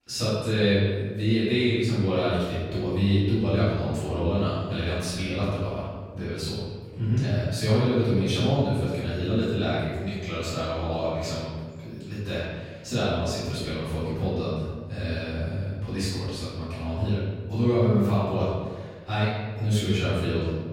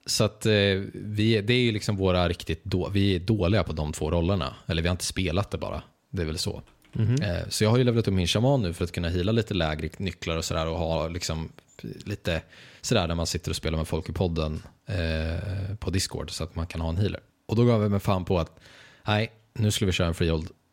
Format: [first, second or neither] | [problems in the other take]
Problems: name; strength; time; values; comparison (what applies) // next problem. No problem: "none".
second | off-mic speech; far // room echo; strong; dies away in 1.4 s